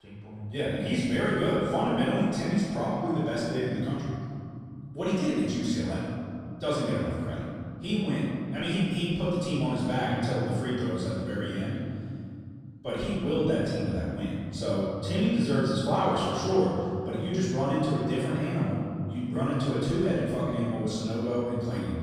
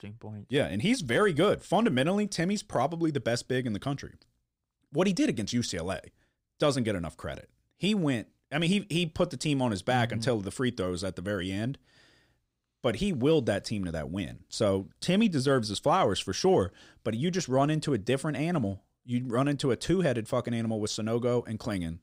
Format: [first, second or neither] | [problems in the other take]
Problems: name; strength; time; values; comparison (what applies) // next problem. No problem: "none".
second | off-mic speech; far // room echo; strong; dies away in 2.9 s